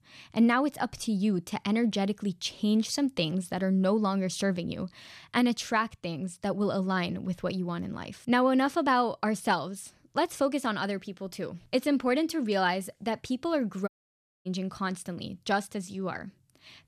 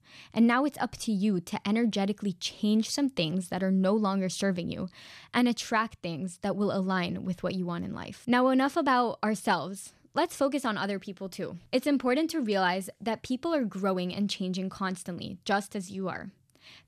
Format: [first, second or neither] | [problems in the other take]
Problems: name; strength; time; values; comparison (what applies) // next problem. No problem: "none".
second | audio cutting out; at 14 s for 0.5 s